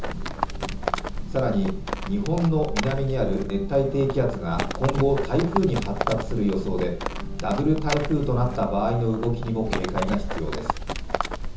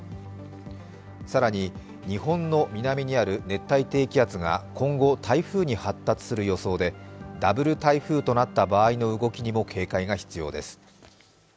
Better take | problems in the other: second | background sound (Livestock, farm animals, working animals); 3 dB below the speech // room echo; dies away in 0.6 s

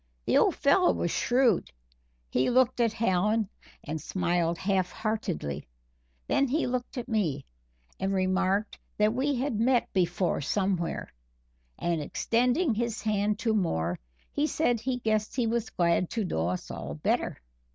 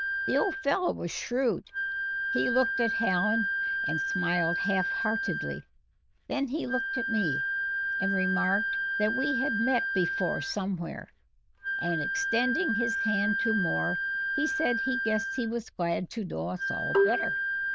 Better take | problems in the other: first | noise reduction (neural diffusion model UNIVERSE++)

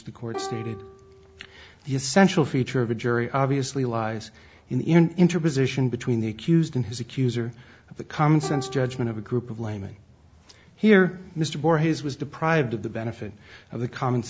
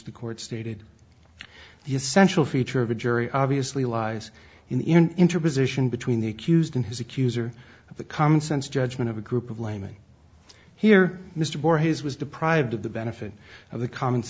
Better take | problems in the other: second | background sound (Plucked string instrument); 15 dB below the speech

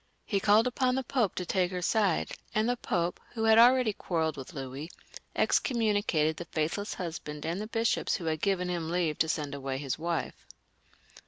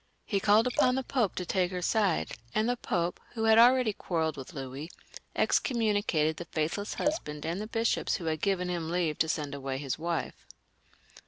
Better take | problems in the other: first | background sound (Liquid); 9 dB below the speech

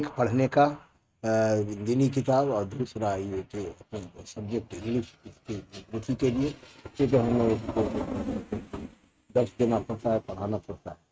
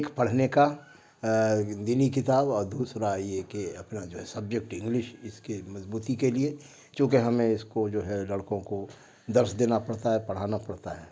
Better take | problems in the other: second | noise reduction (neural mask model RNNoise)

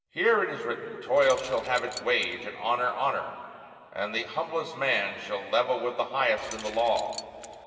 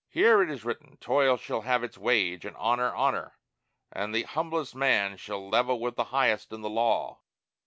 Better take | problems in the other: second | background sound (Keys jangling); 15 dB below the speech // room echo; dies away in 2.7 s

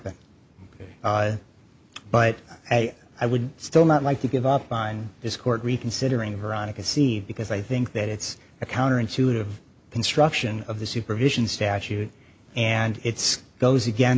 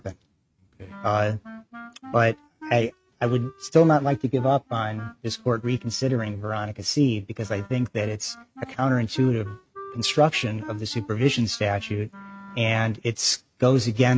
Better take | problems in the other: first | noise reduction (neural mask model RNNoise)

